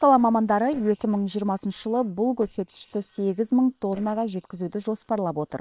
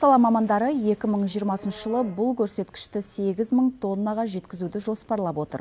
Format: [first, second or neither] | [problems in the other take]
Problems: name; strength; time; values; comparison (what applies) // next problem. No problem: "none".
second | noise reduction (neural separator model SepFormer WHAM!)